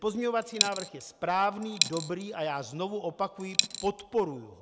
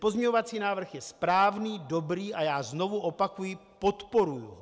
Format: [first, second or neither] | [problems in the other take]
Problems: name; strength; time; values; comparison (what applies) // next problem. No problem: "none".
second | background sound (Coin (dropping)); as loud as the speech